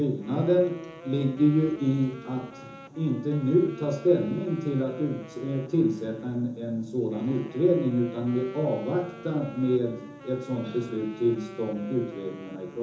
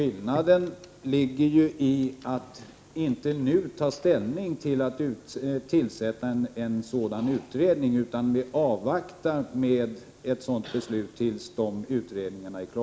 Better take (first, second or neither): second